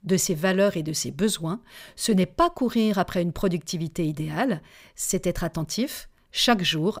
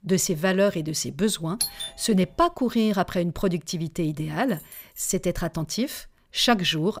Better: first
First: none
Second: doorbell; noticeable; at 1.5 s; peak 3 dB below the speech // jangling keys; faint; at 4.5 s; peak 15 dB below the speech

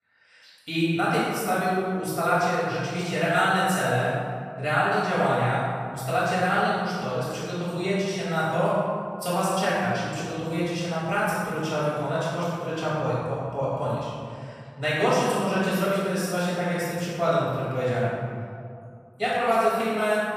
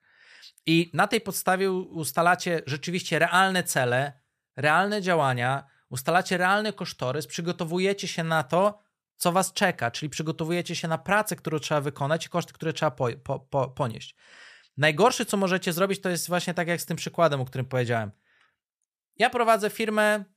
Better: second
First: off-mic speech; far // room echo; strong; dies away in 2 s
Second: none

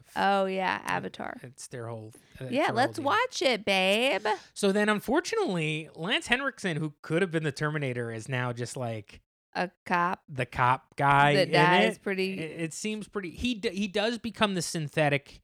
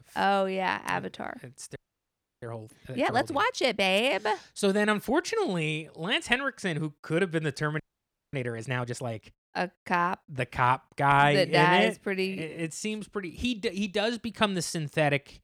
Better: first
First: none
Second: audio freezing; at 2 s for 0.5 s and at 8 s for 0.5 s

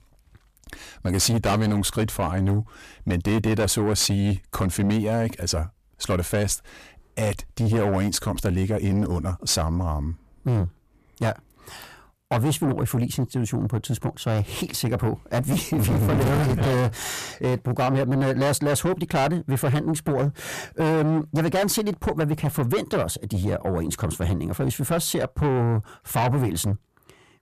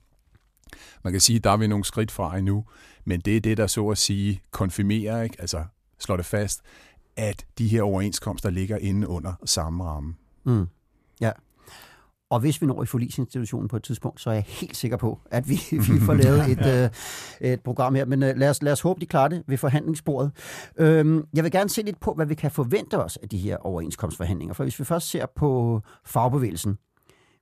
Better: second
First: distortion; heavy; 7 dB below the speech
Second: none

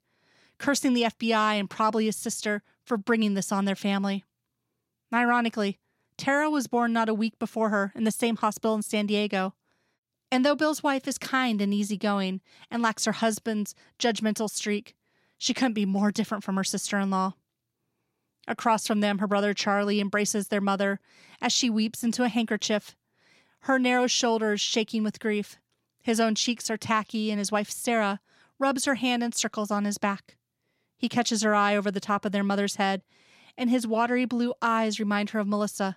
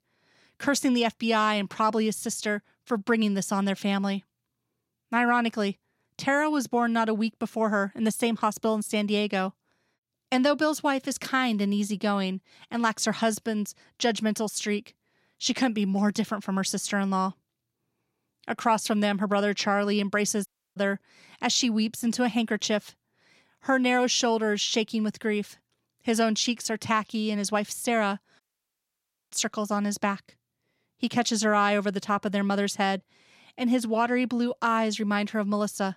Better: first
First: none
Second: audio cutting out; at 20 s and at 28 s for 1 s

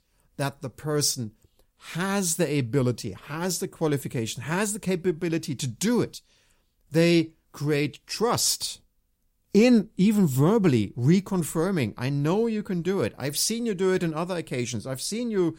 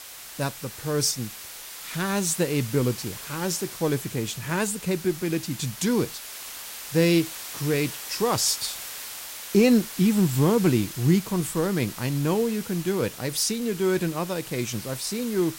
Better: first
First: none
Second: hiss; noticeable; throughout; 10 dB below the speech

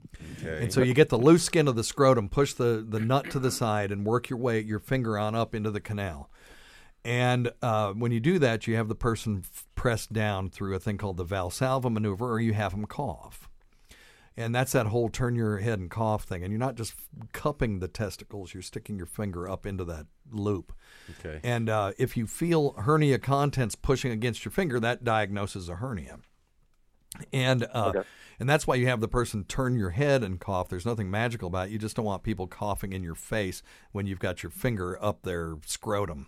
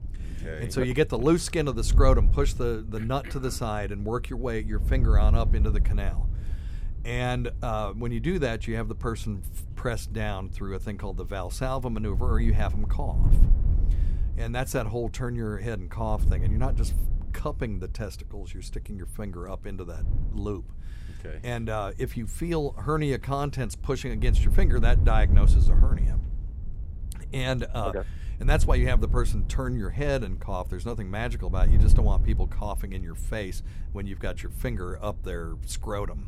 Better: first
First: none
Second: wind noise on the microphone; occasional gusts; 15 dB below the speech

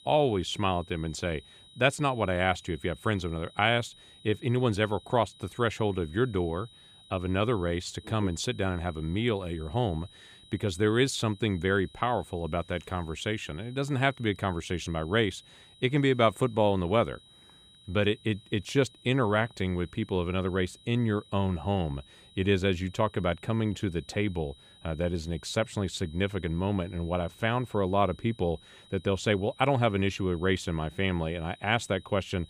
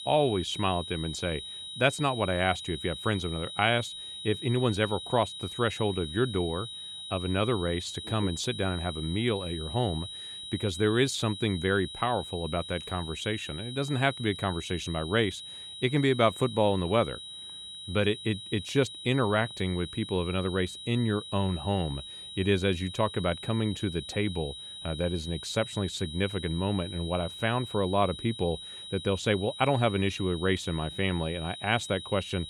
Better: first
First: high-pitched whine; faint; throughout; 4 kHz, 25 dB below the speech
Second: high-pitched whine; loud; throughout; 4 kHz, 9 dB below the speech

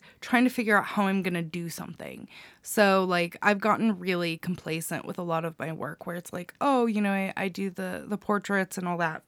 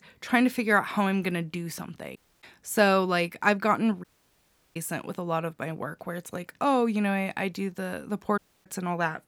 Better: first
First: none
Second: audio cutting out; at 2 s, at 4 s for 0.5 s and at 8.5 s

